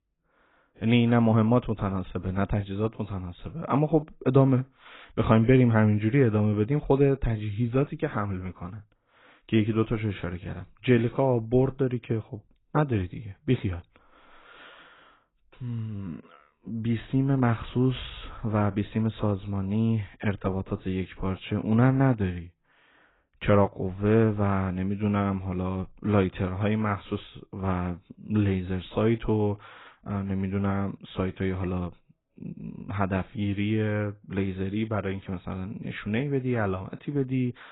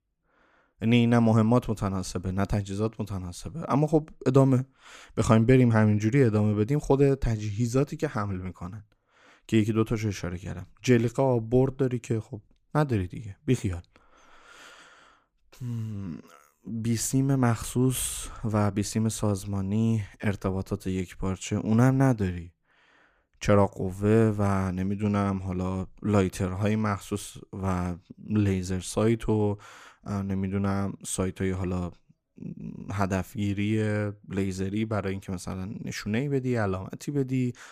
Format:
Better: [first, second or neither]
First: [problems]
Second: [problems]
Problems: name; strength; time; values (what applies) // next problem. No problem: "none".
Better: second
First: garbled, watery; badly; nothing above 4 kHz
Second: none